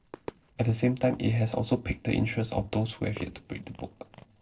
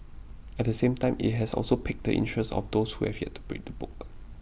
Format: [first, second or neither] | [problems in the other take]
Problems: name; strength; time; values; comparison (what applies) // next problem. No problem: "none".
second | noise reduction (neural separator model SepFormer DNS4)